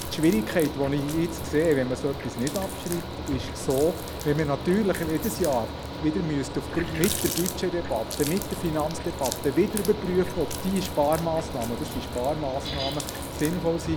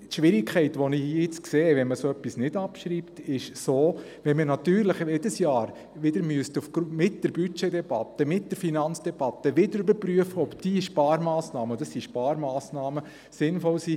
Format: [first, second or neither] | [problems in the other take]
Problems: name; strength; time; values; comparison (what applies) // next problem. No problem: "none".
second | background sound (Mechanical fan + Water tap, faucet); 7 dB below the speech